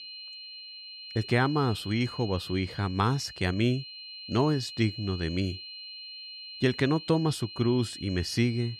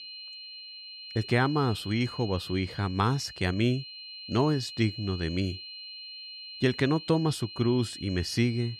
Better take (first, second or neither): neither